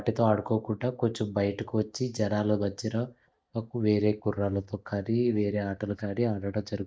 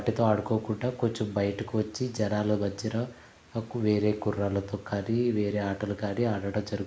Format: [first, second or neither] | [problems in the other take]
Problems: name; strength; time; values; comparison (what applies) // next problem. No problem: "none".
second | noise reduction (neural mask model DeepFilterNet 3)